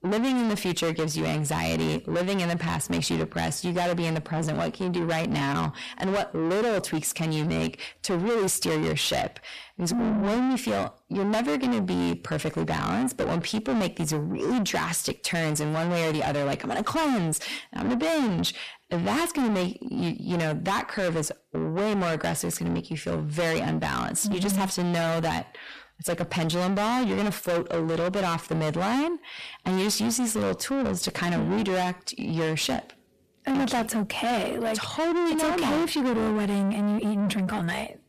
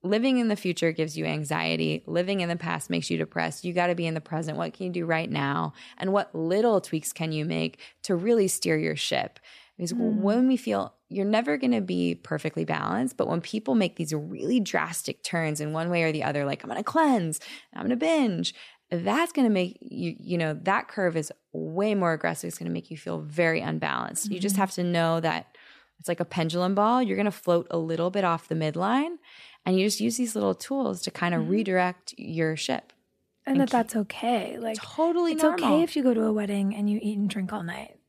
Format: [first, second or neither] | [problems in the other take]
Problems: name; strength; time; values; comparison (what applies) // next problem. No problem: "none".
second | distortion; heavy; 5 dB below the speech